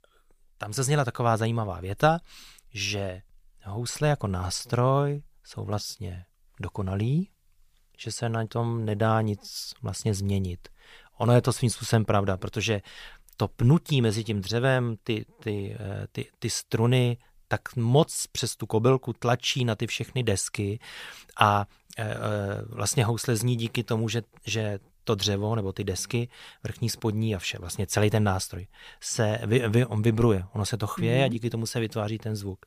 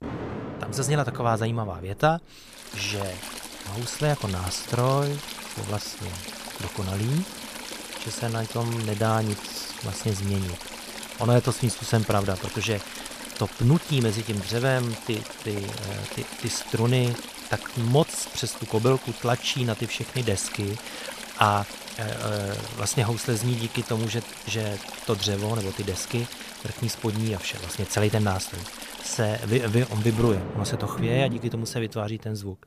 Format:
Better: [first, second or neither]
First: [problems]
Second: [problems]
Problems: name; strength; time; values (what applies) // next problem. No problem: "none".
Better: first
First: none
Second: rain or running water; loud; throughout; 9 dB below the speech